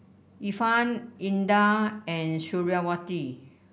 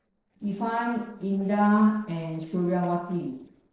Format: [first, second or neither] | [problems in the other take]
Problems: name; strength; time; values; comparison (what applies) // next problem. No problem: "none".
first | noise reduction (neural separator model SepFormer DNS4)